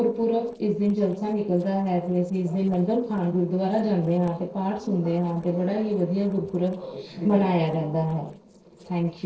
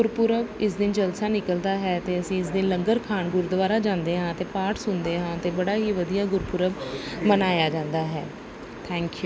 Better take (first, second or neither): second